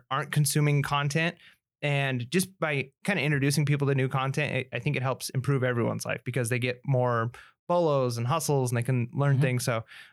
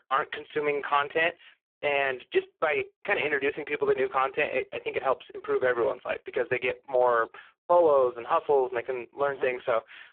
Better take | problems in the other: first | phone-call audio; poor line

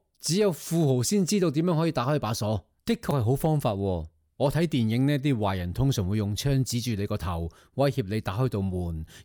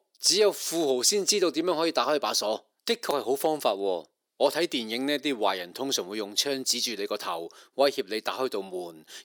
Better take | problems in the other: first | thin; very; fading below 350 Hz

